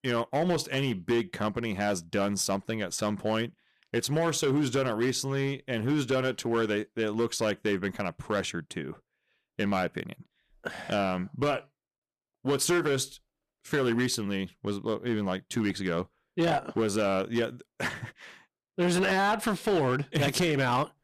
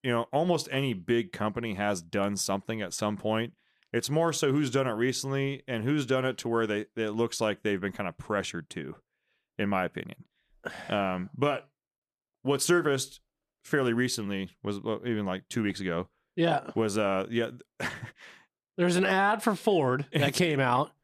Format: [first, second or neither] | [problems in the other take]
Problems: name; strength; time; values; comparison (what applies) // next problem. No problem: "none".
second | distortion; slight; 7% of the sound clipped